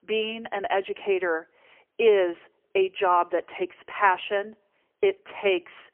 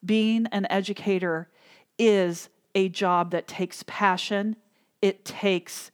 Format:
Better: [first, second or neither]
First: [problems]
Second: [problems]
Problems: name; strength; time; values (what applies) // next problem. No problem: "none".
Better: second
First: phone-call audio; poor line; nothing above 3 kHz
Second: none